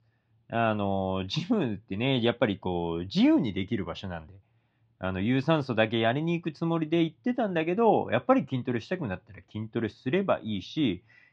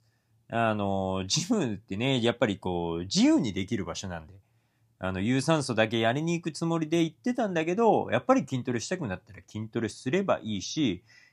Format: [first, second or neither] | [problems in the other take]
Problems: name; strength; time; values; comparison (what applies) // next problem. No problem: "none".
second | muffled; slightly; fading above 3.5 kHz